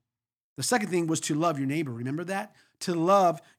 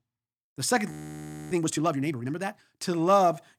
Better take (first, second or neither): first